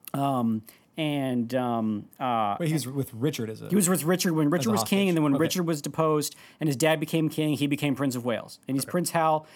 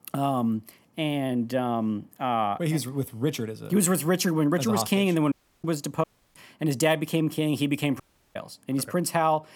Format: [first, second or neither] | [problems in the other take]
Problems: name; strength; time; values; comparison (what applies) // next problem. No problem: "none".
first | audio cutting out; at 5.5 s, at 6 s and at 8 s